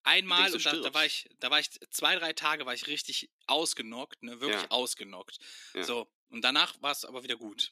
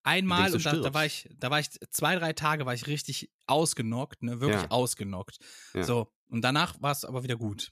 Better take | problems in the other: second | thin; somewhat; fading below 300 Hz

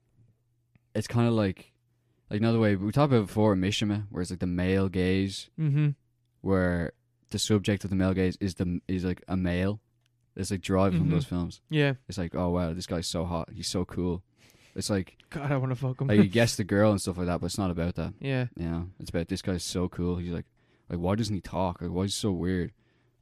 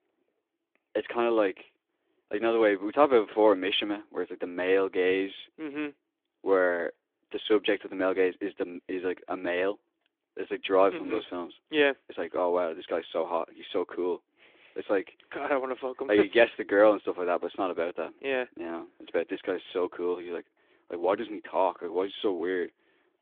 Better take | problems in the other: first | phone-call audio; nothing above 3.5 kHz

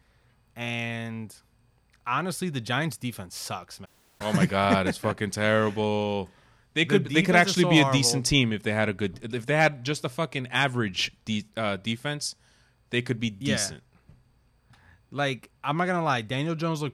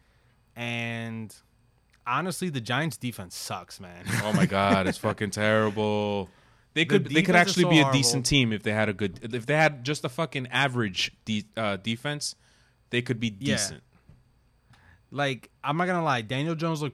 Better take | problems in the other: second | audio cutting out; at 4 s

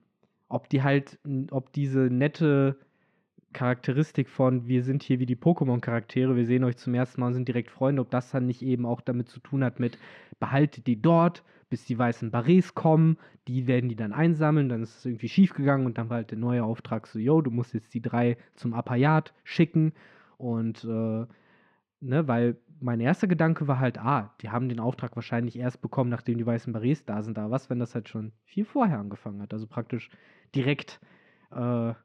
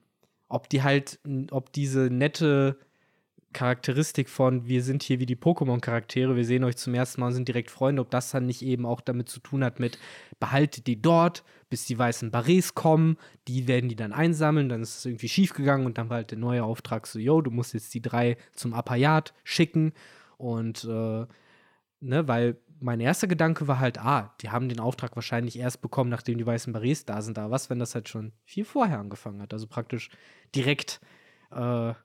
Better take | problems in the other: second | muffled; slightly; fading above 2.5 kHz

